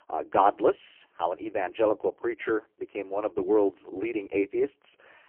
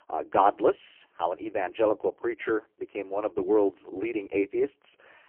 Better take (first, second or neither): neither